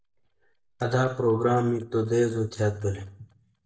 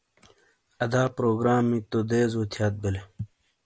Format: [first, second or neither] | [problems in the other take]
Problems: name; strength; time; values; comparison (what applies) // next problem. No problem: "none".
second | noise reduction (neural mask model DeepFilterNet 3)